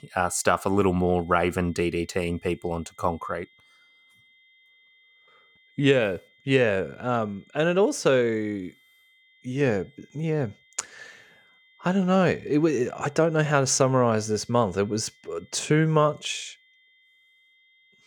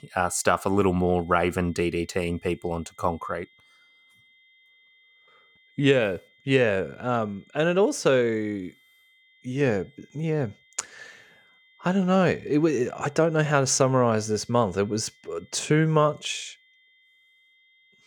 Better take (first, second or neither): neither